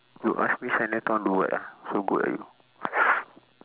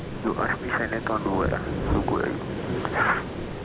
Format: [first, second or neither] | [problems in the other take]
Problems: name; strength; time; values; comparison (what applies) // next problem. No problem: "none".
first | background sound (Waves, surf); 2 dB below the speech